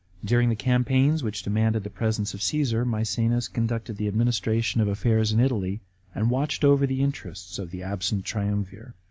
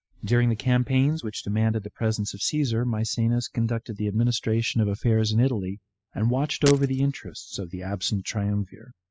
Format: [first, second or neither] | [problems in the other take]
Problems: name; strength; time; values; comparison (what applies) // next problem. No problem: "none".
first | noise reduction (classical method spectral subtraction)